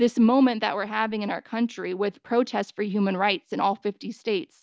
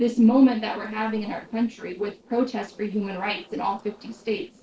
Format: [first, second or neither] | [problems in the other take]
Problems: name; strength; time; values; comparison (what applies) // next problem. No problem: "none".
first | noise reduction (neural separator model SepFormer DNS4)